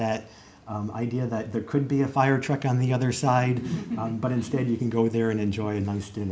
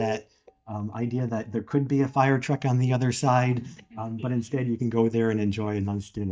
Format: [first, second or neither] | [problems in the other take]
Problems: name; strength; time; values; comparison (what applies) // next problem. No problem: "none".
first | noise reduction (neural mask model DeepFilterNet 3)